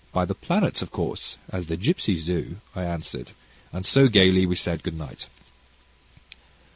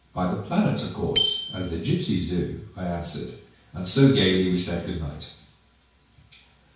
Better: first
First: none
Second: background sound (Bicycle bell); 11 dB below the speech // room echo; dies away in 0.5 s

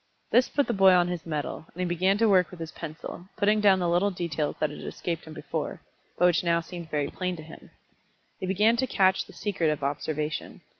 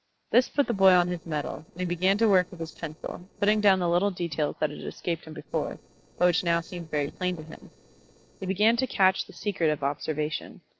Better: first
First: none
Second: noise reduction (neural separator model SepFormer DNS4)

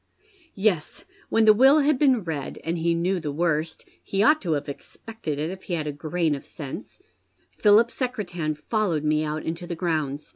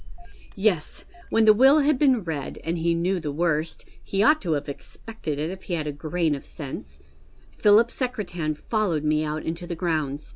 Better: first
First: none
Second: background sound (Engine starting / Car); 17 dB below the speech

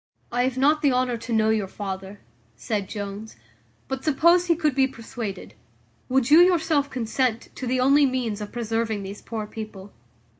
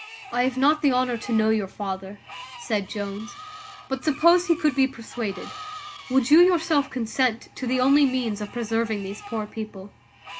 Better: first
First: none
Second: background sound (Screech); 18 dB below the speech

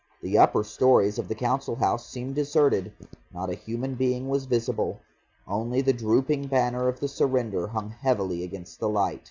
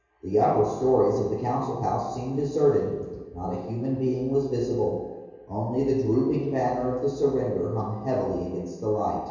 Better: first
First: none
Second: room echo; dies away in 1.2 s

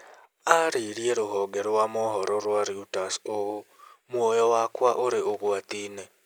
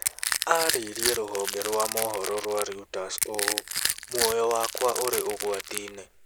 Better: first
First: none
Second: background sound (Crushing); 2 dB below the speech

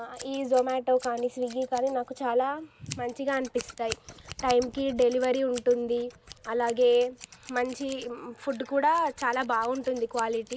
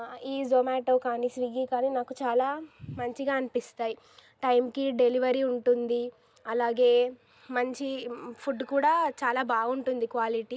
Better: second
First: background sound (Scissors); 19 dB below the speech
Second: none

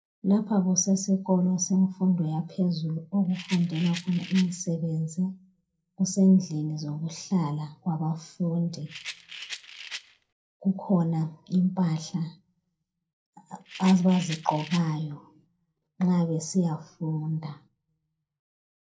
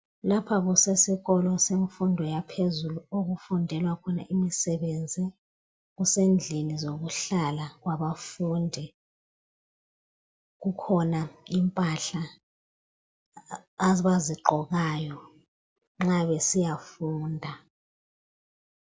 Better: second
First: background sound (Rattle); 14 dB below the speech // room echo; dies away in 0.2 s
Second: none

